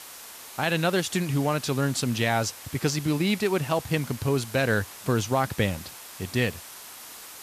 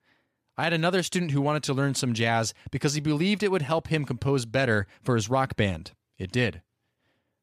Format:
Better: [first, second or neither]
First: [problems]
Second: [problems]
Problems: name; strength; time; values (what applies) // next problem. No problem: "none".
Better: second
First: hiss; noticeable; throughout; 15 dB below the speech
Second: none